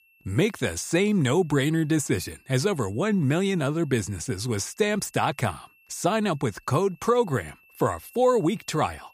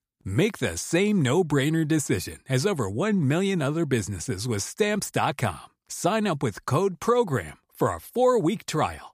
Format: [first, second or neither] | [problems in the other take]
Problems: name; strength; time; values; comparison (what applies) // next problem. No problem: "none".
second | high-pitched whine; faint; throughout; 2.5 kHz, 30 dB below the speech